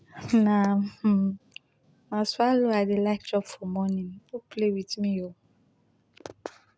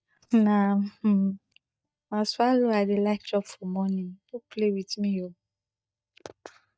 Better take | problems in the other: first | noise reduction (neural mask model DeepFilterNet 3)

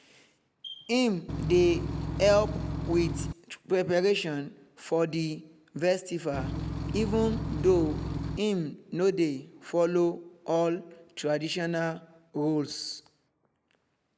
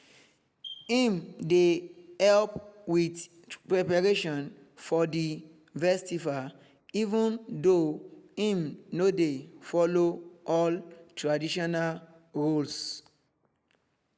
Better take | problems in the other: second | background sound (Engine / Truck / Car); 3 dB below the speech

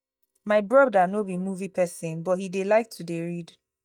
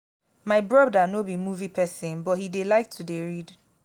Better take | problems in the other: second | noise reduction (neural mask model DeepFilterNet 3)

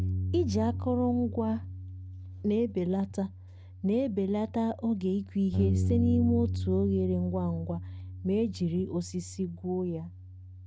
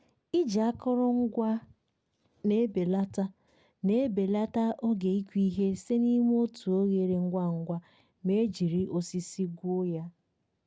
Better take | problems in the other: second | background sound (Bass guitar); 5 dB below the speech

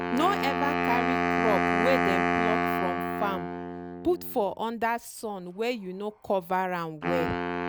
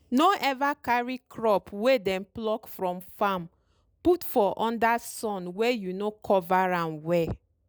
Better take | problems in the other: second | background sound (Wind instrument, woodwind instrument); 1 dB above the speech

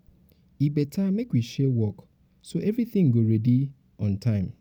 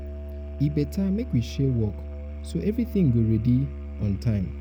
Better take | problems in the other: first | background sound (Musical instrument); 9 dB below the speech

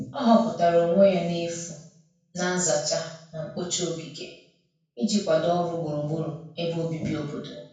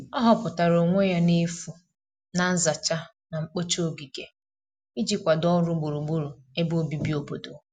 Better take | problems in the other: second | room echo; dies away in 0.6 s

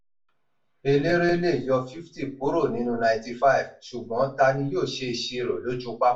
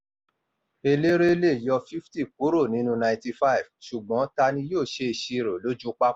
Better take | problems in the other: second | room echo; dies away in 0.3 s

